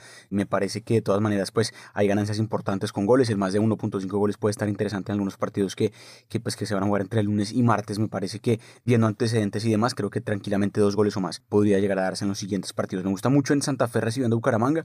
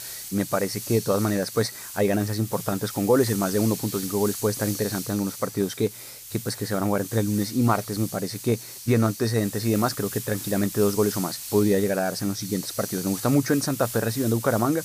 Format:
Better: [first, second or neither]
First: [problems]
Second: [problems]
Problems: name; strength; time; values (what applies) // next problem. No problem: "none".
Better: first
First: none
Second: hiss; loud; throughout; 9 dB below the speech